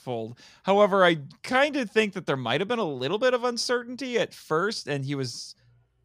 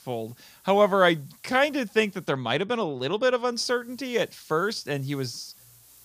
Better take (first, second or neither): first